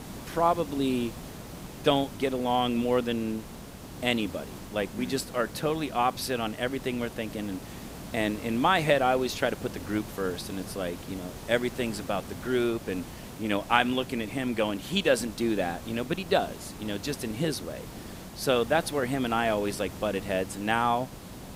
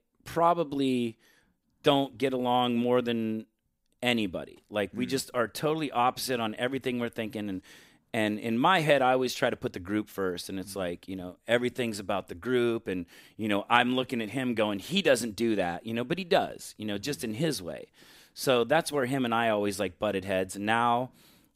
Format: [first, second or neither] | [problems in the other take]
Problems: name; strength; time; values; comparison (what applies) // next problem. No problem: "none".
second | hiss; noticeable; throughout; 15 dB below the speech